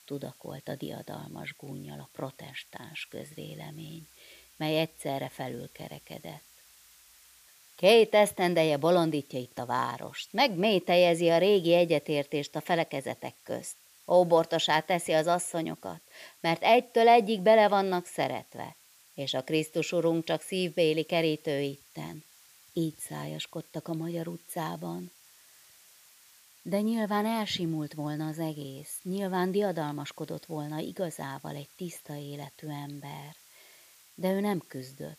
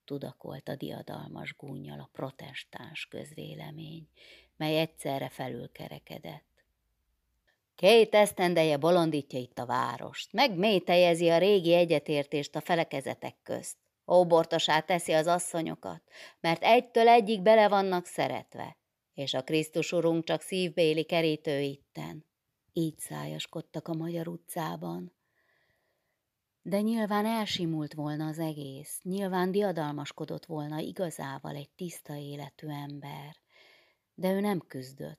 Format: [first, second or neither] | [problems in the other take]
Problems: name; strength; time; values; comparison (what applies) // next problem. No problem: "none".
second | hiss; faint; throughout; 25 dB below the speech